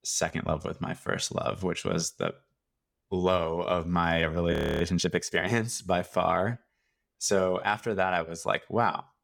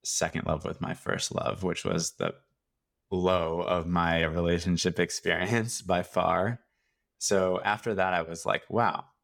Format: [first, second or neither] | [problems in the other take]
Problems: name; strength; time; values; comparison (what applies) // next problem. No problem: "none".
second | audio freezing; at 4.5 s